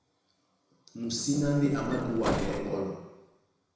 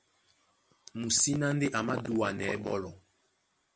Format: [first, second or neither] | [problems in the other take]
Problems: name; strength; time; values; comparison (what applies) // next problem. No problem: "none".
second | background sound (Bus); 5 dB below the speech // room echo; dies away in 1 s